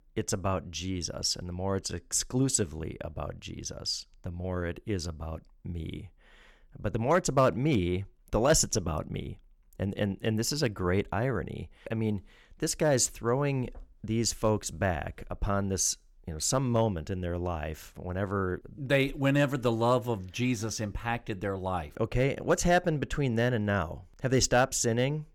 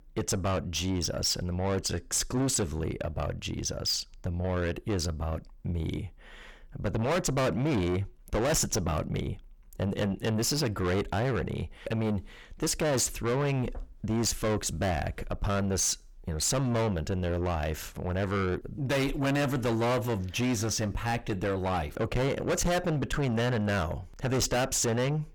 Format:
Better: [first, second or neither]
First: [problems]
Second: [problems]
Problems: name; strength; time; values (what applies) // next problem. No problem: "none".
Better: first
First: none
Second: distortion; heavy; 5 dB below the speech